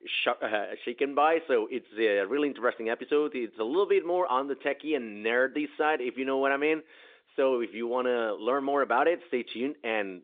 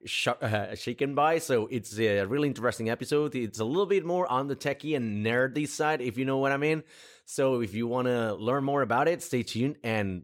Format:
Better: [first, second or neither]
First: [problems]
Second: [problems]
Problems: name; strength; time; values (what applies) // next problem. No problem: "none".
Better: second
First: phone-call audio; nothing above 3.5 kHz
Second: none